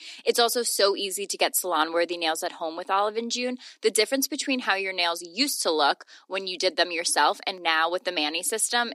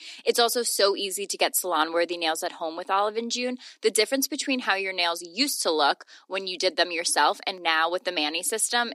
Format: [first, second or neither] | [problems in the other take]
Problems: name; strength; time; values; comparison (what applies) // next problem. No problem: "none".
neither | thin; very slightly; fading below 250 Hz; the same in both